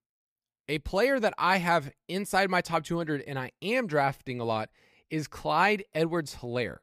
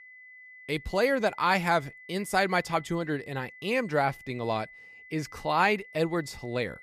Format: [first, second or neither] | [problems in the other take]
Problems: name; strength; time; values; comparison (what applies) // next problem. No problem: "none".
first | high-pitched whine; noticeable; throughout; 2 kHz, 20 dB below the speech